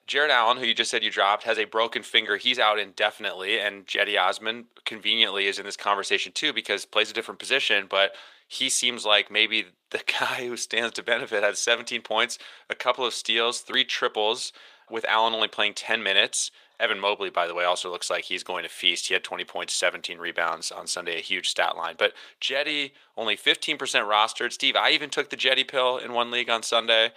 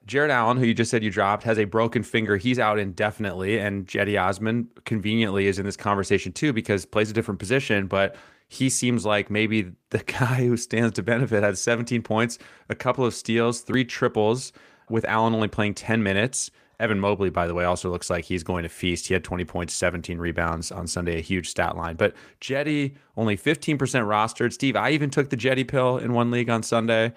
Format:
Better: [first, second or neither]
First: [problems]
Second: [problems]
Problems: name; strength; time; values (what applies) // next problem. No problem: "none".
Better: second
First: thin; very; fading below 650 Hz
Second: none